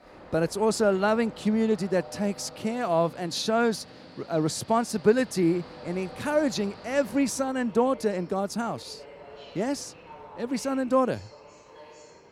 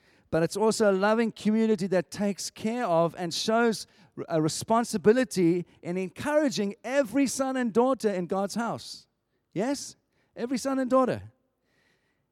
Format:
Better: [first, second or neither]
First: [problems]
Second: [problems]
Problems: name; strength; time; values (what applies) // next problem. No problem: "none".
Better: second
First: train or aircraft noise; noticeable; throughout; 20 dB below the speech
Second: none